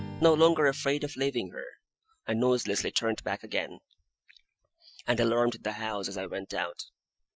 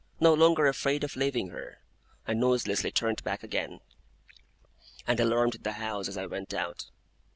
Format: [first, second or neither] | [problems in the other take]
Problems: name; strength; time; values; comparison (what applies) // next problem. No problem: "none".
second | noise reduction (classical method Wiener filter)